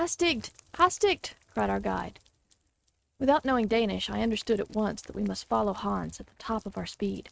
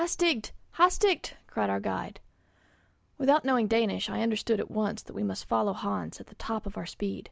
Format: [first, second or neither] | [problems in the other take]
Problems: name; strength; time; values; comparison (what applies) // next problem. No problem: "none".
second | noise reduction (neural mask model RNNoise)